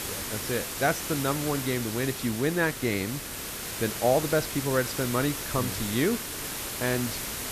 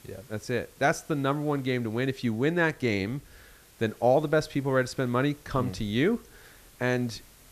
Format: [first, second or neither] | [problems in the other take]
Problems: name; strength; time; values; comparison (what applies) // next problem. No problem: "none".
second | hiss; loud; throughout; 4 dB below the speech; faint in the second